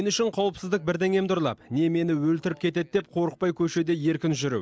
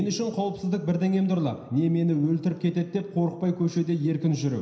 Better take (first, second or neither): first